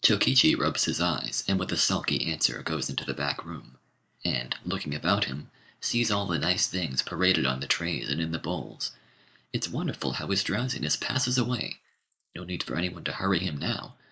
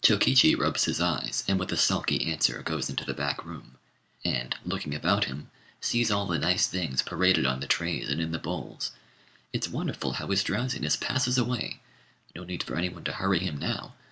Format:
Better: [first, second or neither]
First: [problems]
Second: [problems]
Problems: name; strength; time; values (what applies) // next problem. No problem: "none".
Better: second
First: noise reduction (neural mask model Resemble Enhance denoiser)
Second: none